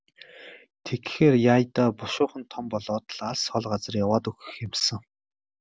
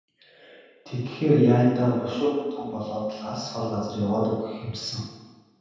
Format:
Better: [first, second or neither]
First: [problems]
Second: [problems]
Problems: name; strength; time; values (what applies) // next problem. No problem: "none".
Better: first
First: none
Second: room echo; dies away in 1.2 s